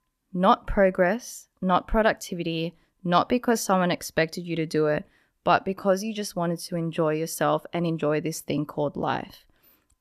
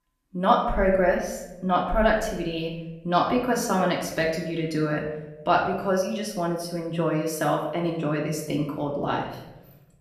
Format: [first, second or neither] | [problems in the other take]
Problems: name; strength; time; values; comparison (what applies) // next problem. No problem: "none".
first | room echo; noticeable; dies away in 0.8 s // off-mic speech; far